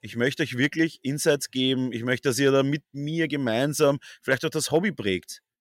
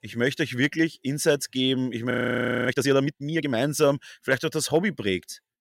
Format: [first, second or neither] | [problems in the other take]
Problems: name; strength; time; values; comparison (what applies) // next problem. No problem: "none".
first | audio freezing; at 2 s for 0.5 s